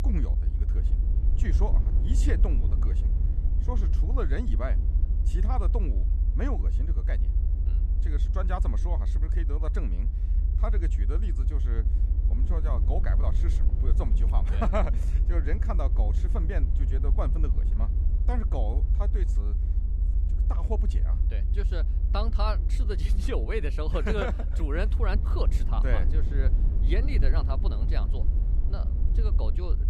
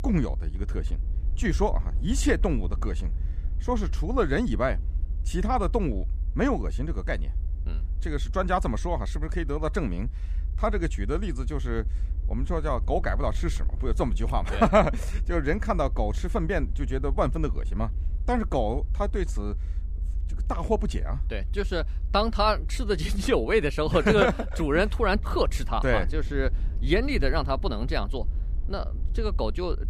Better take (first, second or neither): second